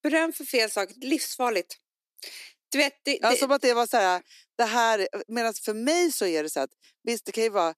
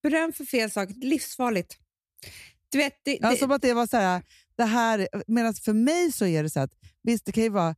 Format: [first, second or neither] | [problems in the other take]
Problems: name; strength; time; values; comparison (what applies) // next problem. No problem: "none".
second | thin; somewhat; fading below 300 Hz